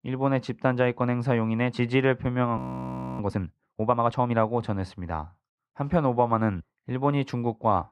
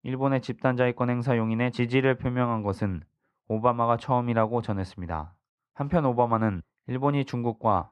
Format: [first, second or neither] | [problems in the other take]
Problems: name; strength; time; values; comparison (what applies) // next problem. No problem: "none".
second | audio freezing; at 2.5 s for 0.5 s